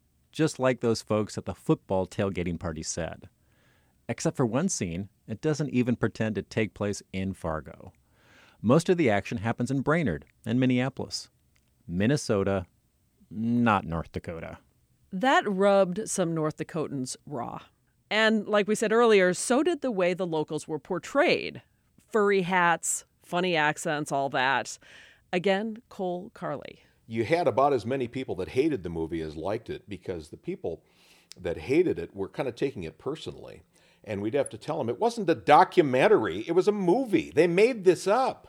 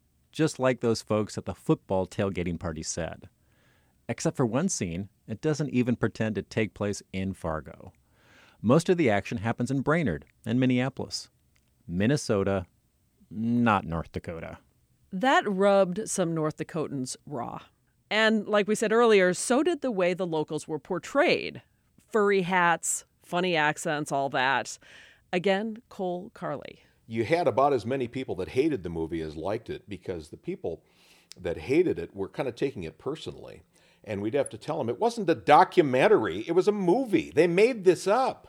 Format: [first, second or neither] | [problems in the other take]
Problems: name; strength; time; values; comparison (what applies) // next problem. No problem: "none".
neither | none